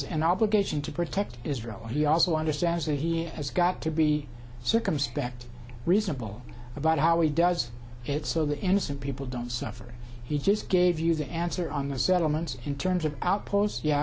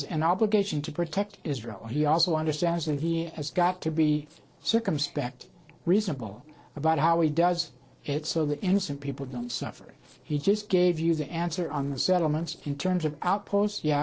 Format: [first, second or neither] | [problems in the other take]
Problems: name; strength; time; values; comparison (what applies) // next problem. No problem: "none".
first | noise reduction (neural separator model SepFormer DNS4)